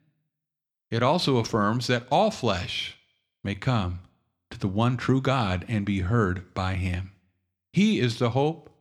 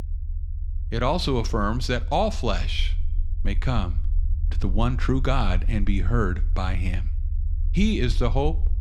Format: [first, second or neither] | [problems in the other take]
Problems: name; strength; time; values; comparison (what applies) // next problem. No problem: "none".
first | low rumble; faint; throughout; 20 dB below the speech